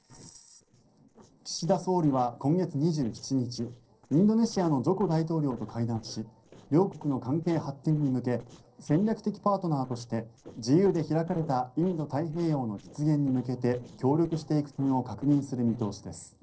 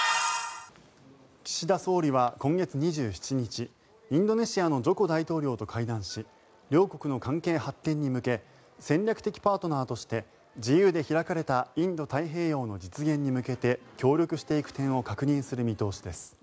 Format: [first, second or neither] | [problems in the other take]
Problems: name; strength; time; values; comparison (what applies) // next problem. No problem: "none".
second | noise reduction (neural separator model SepFormer DNS4)